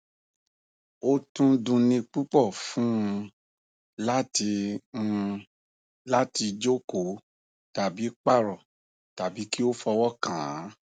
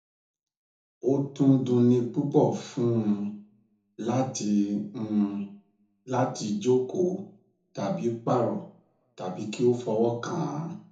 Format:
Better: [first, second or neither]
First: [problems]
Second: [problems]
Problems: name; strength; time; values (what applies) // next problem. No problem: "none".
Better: first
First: none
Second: room echo; dies away in 0.6 s